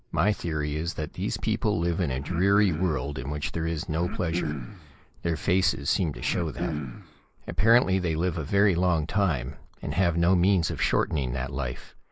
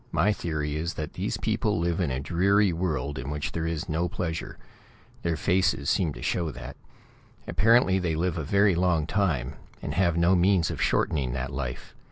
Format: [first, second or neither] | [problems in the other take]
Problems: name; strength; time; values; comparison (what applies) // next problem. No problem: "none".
second | noise reduction (neural mask model Resemble Enhance denoiser)